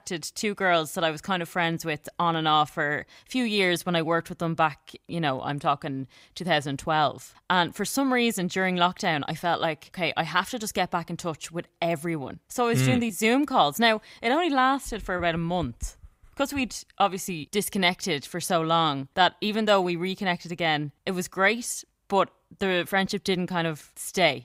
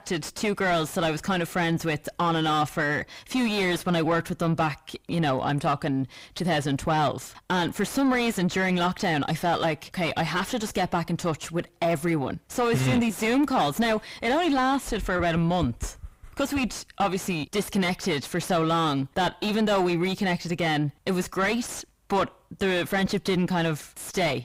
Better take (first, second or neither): first